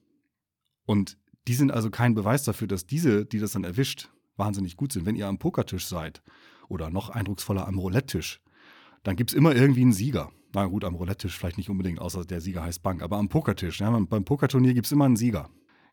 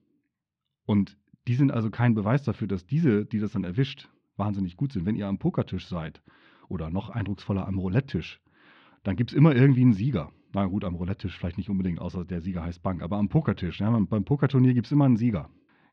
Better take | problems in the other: first | muffled; slightly; fading above 3.5 kHz

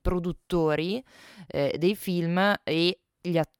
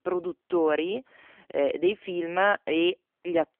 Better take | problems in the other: first | phone-call audio; poor line; nothing above 3.5 kHz

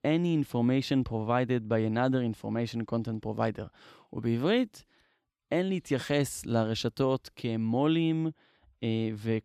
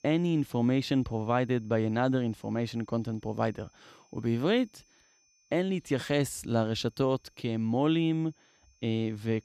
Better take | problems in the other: first | high-pitched whine; faint; throughout; 6 kHz, 35 dB below the speech

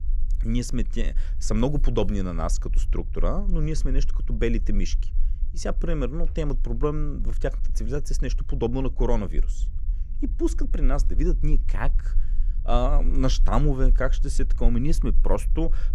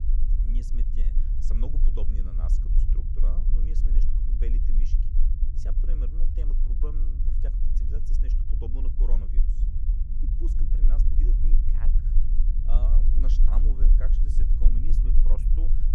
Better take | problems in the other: first | low rumble; loud; throughout; 1 dB below the speech; faint in the first

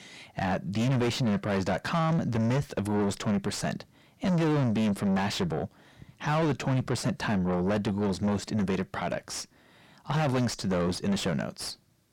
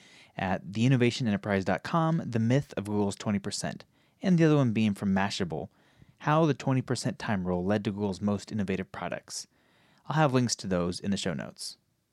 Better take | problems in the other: second | distortion; heavy; 6 dB below the speech

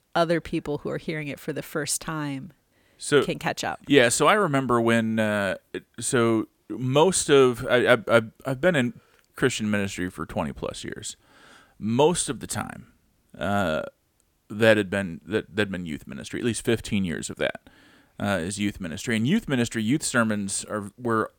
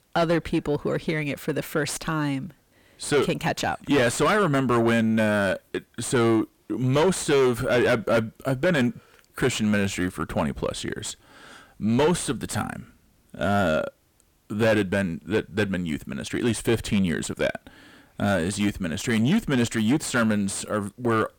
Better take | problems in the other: first | distortion; heavy; 7 dB below the speech

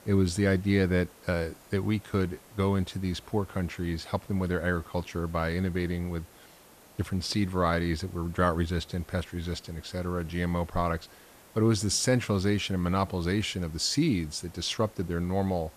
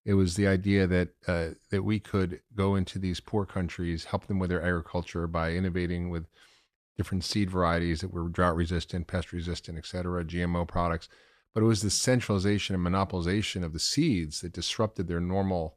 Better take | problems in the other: second | hiss; faint; throughout; 25 dB below the speech

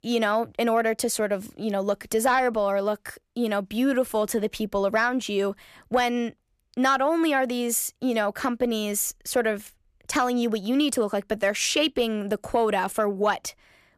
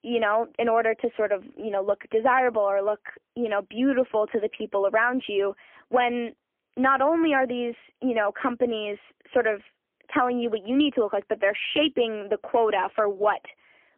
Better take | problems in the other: first | phone-call audio; poor line; nothing above 3 kHz

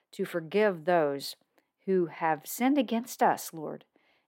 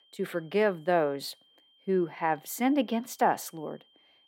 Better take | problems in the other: first | high-pitched whine; faint; throughout; 3 kHz, 30 dB below the speech

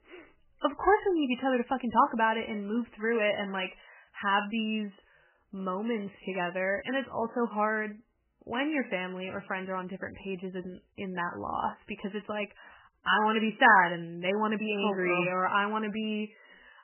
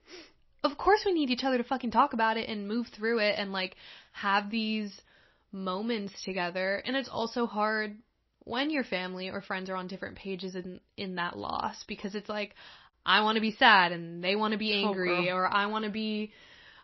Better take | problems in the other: second | garbled, watery; badly; nothing above 3 kHz; slightly in the second

